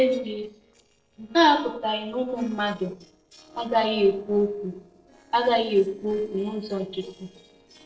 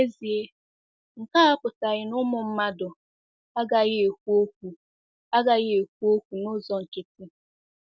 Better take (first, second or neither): second